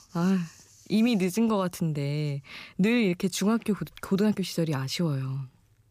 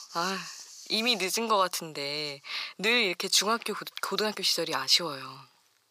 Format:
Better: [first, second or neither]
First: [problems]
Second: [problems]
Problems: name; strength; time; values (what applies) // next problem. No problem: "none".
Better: first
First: none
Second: thin; very; fading below 600 Hz